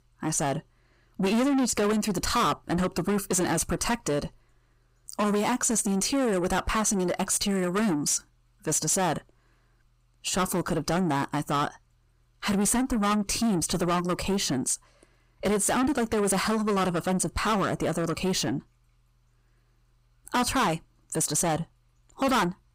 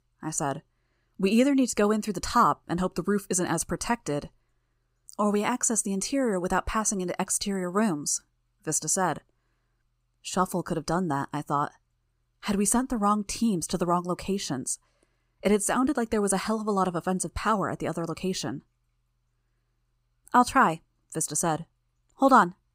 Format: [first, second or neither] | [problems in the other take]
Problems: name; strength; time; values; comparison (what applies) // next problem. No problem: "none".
second | distortion; heavy; 5 dB below the speech